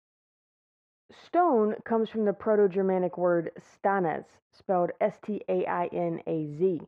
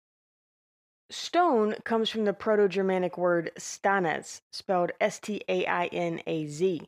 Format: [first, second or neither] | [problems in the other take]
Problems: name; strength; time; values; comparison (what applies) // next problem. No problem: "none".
second | muffled; very; fading above 2.5 kHz